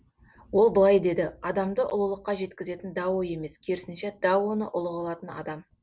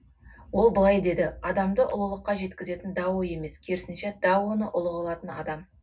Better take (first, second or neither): first